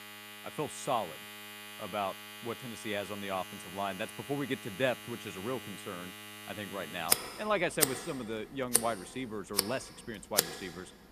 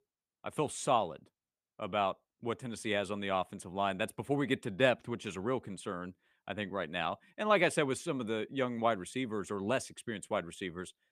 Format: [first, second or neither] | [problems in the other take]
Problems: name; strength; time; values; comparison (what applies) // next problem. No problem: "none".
second | household noises; very loud; throughout; 1 dB above the speech